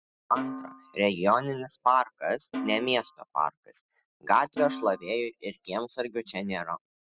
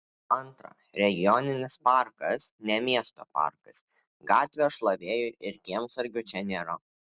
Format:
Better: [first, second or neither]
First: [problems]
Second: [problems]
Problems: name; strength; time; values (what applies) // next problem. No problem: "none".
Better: second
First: noise reduction (classical method spectral subtraction)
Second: none